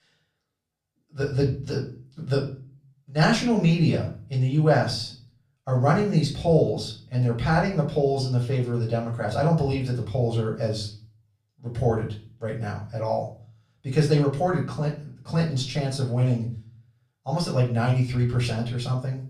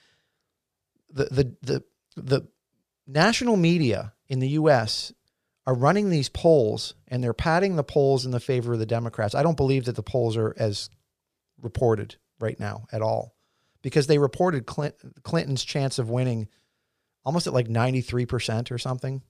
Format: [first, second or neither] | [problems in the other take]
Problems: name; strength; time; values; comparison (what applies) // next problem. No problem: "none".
second | off-mic speech; far // room echo; slight; dies away in 0.4 s